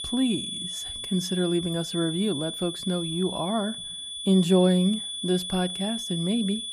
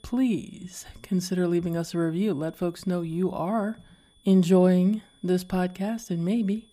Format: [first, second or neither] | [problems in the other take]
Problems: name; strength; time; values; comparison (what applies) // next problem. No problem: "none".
second | high-pitched whine; loud; throughout; 3.5 kHz, 6 dB below the speech; faint in the second